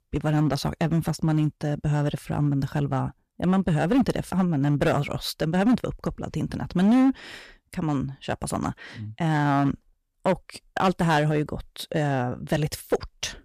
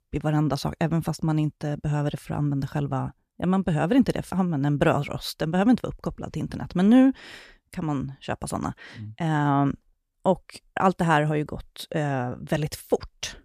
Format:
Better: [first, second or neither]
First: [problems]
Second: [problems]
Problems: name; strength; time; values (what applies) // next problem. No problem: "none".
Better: second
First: distortion; slight; 5% of the sound clipped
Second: none